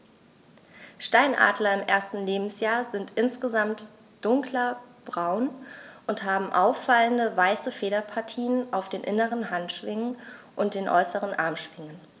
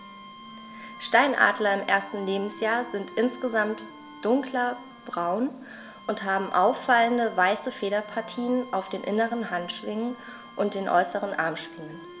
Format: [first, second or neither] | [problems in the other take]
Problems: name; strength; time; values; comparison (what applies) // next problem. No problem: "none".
first | background sound (Bowed string instrument + Wind instrument, woodwind instrument); 18 dB below the speech